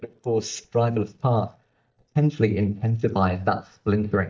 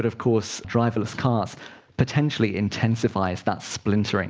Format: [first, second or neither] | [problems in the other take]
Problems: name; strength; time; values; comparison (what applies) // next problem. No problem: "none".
second | noise reduction (neural mask model DeepFilterNet 3)